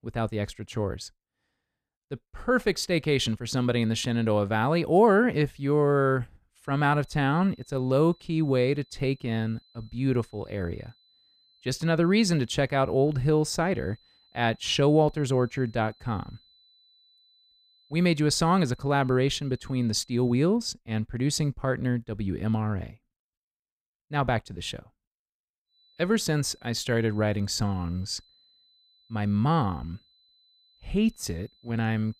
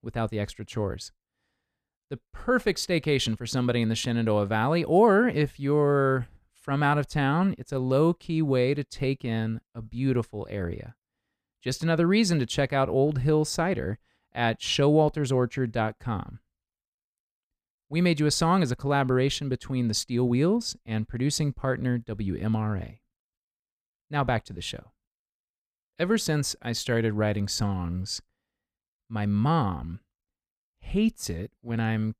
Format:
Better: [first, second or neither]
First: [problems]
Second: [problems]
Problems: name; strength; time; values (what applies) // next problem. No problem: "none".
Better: second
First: high-pitched whine; faint; from 6.5 to 20 s and from 26 s on; 4 kHz, 35 dB below the speech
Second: none